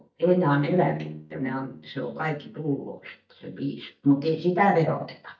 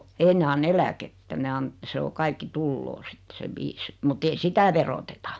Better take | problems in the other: second | noise reduction (neural mask model DeepFilterNet 3)

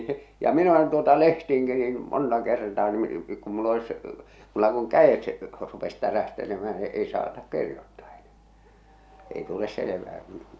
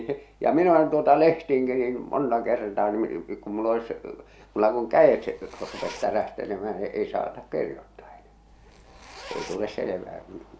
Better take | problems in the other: first | background sound (Zipper (clothing)); 18 dB below the speech

